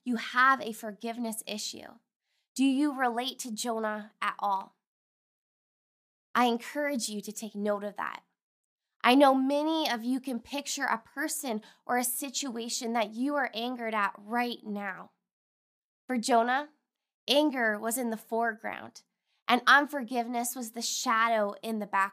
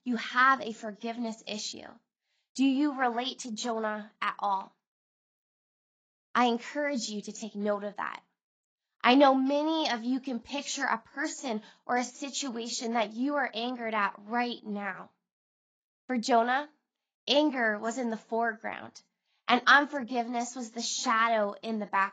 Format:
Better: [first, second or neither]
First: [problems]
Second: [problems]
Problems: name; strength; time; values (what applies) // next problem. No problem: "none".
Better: first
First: none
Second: garbled, watery; badly; nothing above 7.5 kHz